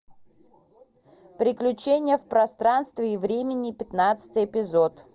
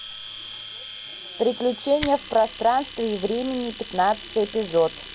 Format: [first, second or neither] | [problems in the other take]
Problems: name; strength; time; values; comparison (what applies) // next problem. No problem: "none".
first | background sound (Domestic sounds, home sounds); 13 dB below the speech